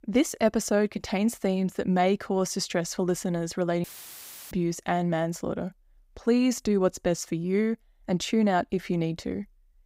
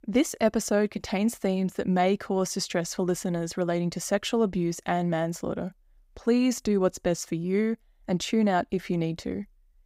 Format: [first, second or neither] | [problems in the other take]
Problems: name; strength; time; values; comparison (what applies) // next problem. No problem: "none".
second | audio cutting out; filled with static; at 4 s for 0.5 s